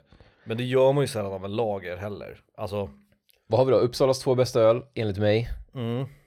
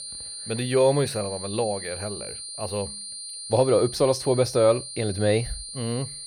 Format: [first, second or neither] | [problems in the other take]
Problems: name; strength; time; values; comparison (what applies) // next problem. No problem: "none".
first | high-pitched whine; loud; throughout; 9.5 kHz, 10 dB below the speech